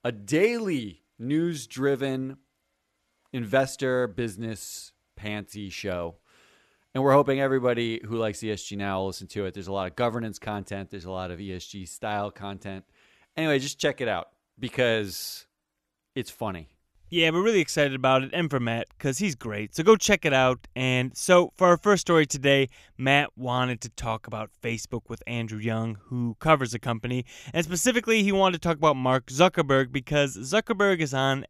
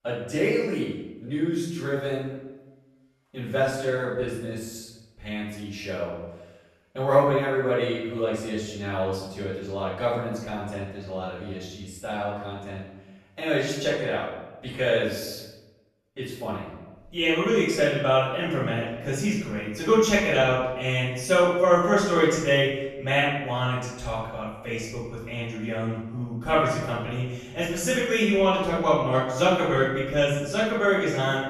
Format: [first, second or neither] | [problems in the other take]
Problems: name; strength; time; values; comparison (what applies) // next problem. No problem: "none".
first | off-mic speech; far // room echo; noticeable; dies away in 0.9 s